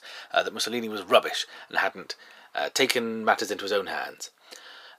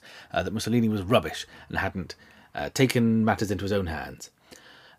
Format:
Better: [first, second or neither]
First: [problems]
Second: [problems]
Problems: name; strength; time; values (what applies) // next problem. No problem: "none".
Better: second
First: thin; very; fading below 500 Hz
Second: none